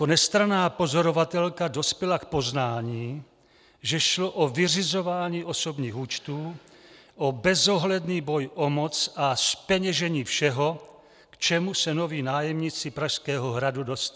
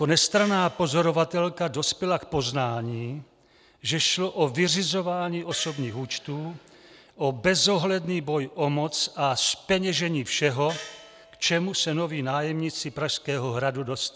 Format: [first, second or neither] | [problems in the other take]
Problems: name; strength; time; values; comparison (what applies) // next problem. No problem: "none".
first | background sound (Gong); 15 dB below the speech